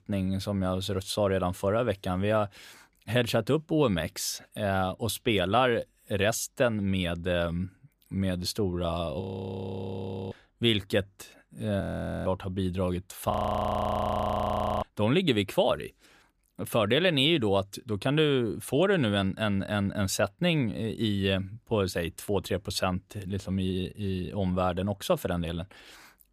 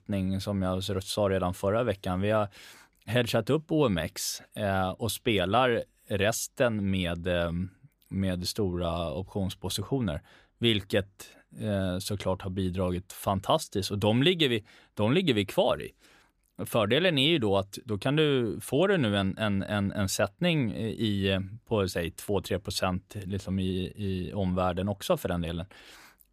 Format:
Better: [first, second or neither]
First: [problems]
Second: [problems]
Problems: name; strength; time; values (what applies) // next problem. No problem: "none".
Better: second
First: audio freezing; at 9 s for 1 s, at 12 s and at 13 s for 1.5 s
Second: none